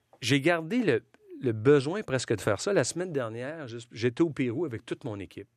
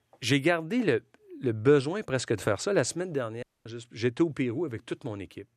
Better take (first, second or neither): first